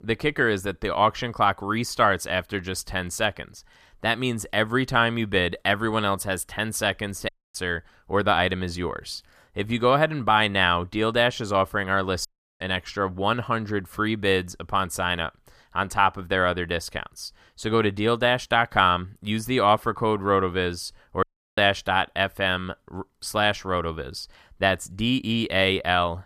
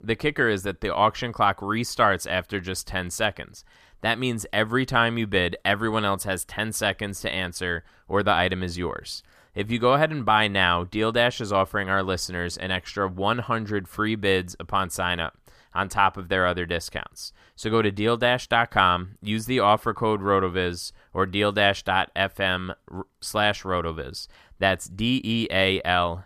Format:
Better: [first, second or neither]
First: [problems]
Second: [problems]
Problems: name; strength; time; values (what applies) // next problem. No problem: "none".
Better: second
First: audio cutting out; at 7.5 s, at 12 s and at 21 s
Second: none